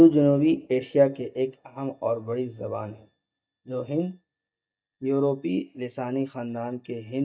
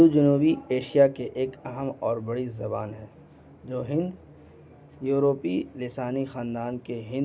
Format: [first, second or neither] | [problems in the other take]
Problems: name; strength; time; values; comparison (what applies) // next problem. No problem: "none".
second | noise reduction (neural mask model DeepFilterNet 3)